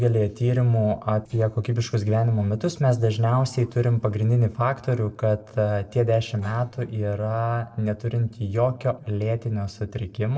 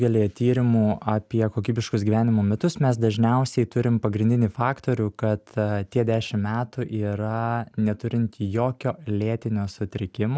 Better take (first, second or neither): second